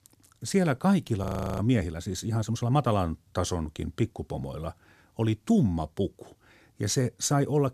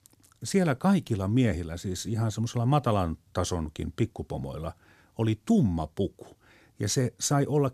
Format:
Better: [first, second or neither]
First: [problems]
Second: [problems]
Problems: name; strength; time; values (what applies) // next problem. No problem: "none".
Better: second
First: audio freezing; at 1 s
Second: none